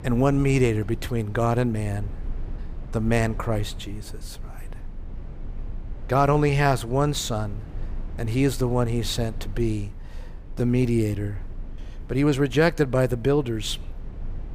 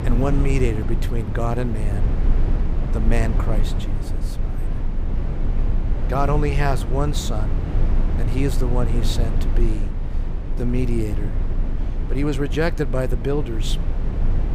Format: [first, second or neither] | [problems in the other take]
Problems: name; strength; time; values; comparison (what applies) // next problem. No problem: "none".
first | low rumble; loud; throughout; 9 dB below the speech; faint in the first